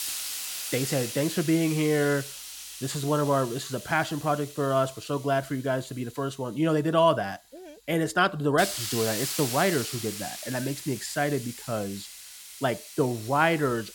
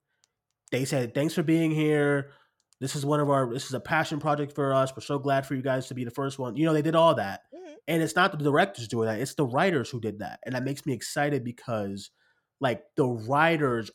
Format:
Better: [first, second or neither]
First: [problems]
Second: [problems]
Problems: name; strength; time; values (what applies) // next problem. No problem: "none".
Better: second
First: hiss; loud; throughout; 8 dB below the speech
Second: none